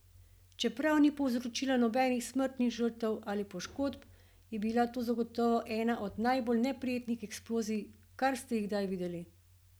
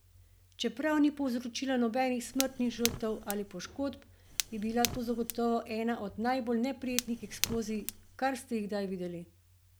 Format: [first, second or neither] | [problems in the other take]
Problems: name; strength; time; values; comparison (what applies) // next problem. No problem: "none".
first | background sound (Fire); 7 dB below the speech